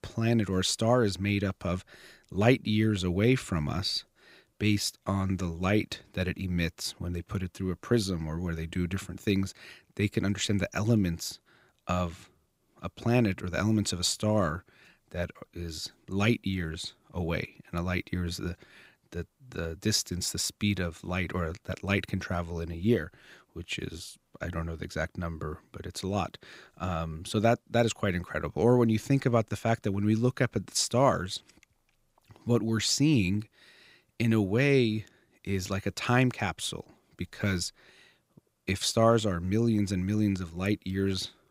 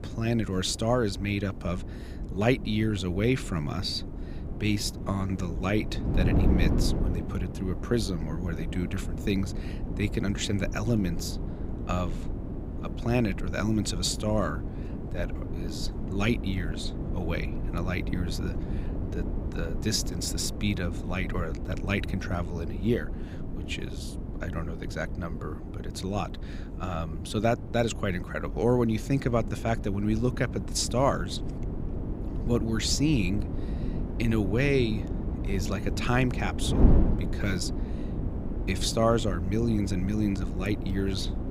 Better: first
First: none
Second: wind noise on the microphone; heavy; 10 dB below the speech

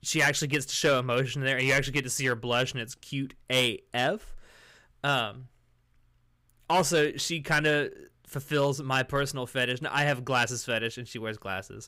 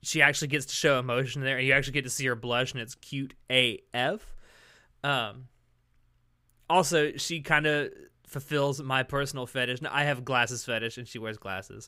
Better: second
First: distortion; slight; 1.9% of the sound clipped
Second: none

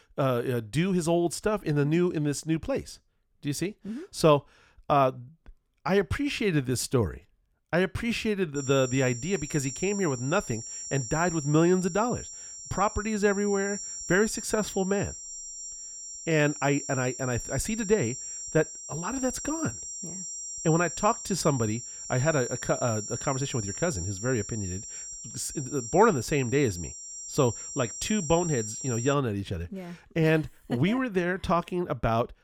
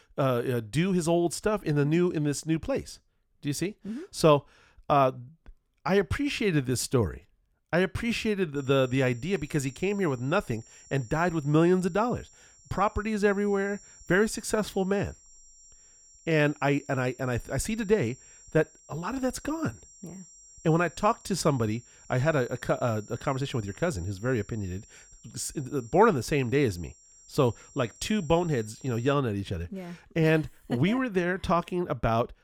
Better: second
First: high-pitched whine; loud; from 8.5 to 29 s; 7.5 kHz, 8 dB below the speech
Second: high-pitched whine; faint; from 8.5 to 29 s; 7.5 kHz, 25 dB below the speech

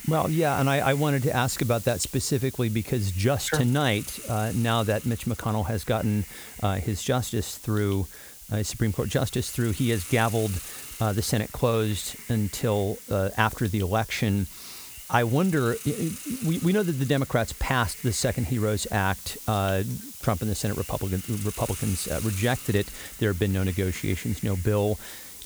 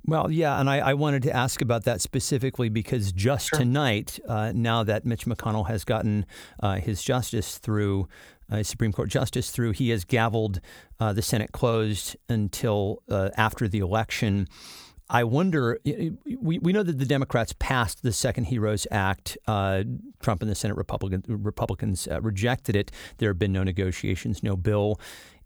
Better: second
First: hiss; noticeable; throughout; 10 dB below the speech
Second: none

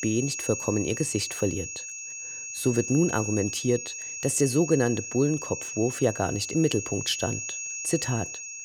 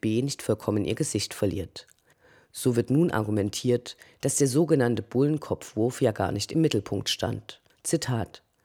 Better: second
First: high-pitched whine; loud; throughout; 6.5 kHz, 6 dB below the speech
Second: none

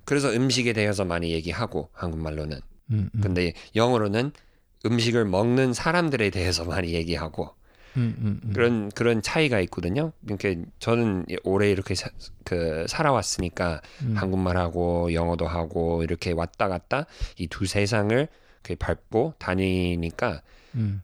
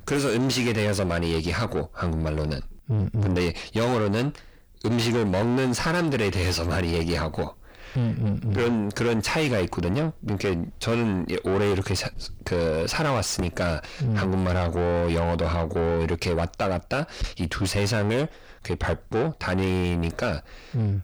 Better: first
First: none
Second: distortion; heavy; 6 dB below the speech

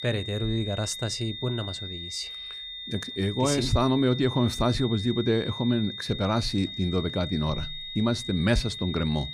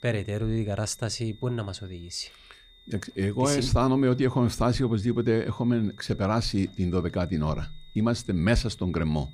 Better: second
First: high-pitched whine; loud; throughout; 3.5 kHz, 8 dB below the speech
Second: high-pitched whine; faint; throughout; 3.5 kHz, 25 dB below the speech

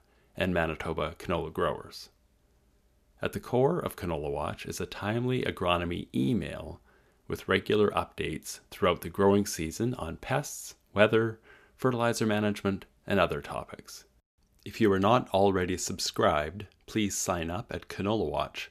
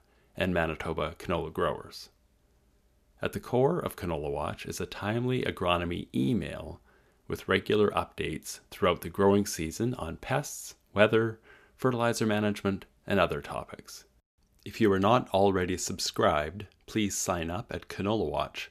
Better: neither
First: none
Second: none

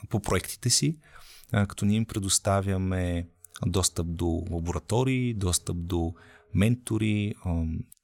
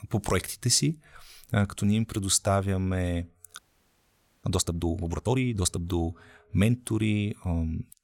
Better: first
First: none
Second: audio freezing; at 3.5 s for 1 s

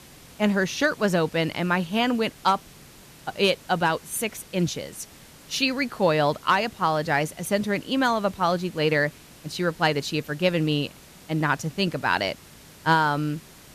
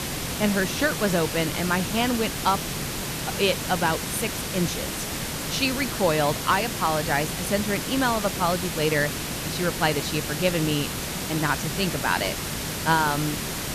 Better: first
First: hiss; faint; throughout; 25 dB below the speech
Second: hiss; loud; throughout; 3 dB below the speech

